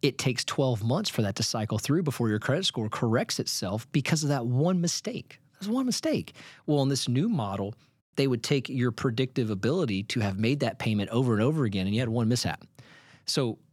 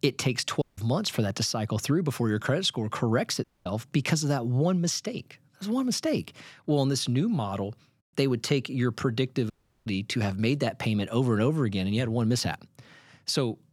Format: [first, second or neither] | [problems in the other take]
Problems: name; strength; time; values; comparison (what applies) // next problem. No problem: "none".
first | audio cutting out; at 0.5 s, at 3.5 s and at 9.5 s